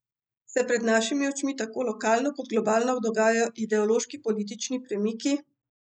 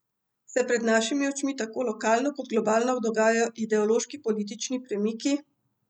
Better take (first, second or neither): second